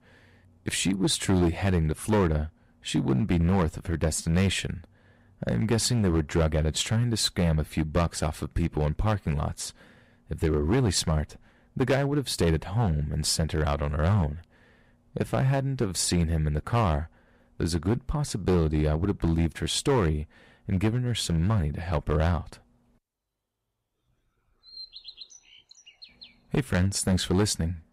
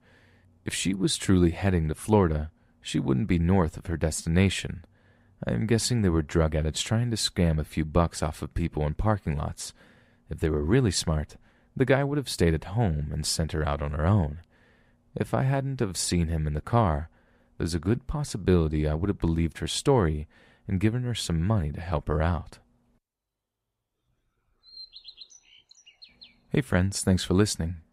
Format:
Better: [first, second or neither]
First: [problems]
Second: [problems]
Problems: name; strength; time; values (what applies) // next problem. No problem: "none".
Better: second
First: distortion; slight; 5% of the sound clipped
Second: none